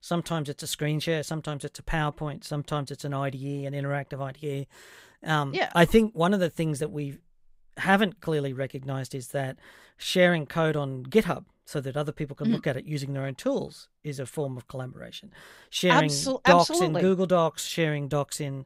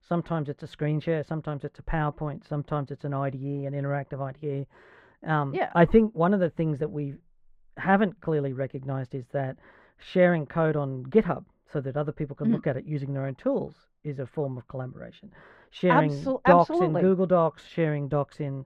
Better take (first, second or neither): first